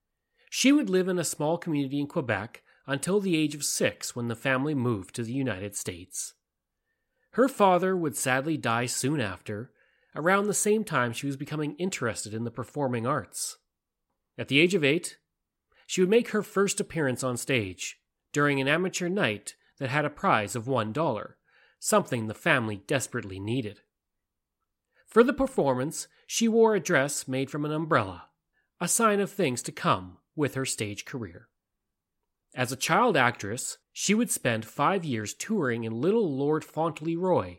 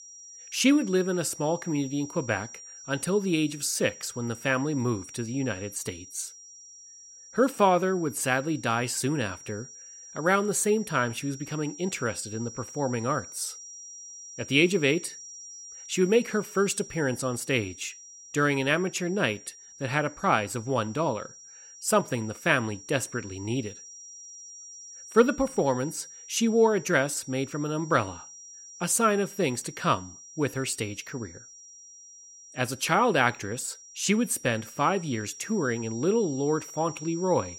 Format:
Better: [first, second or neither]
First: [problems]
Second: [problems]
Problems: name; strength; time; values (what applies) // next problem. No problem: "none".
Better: first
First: none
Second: high-pitched whine; noticeable; throughout; 5.5 kHz, 15 dB below the speech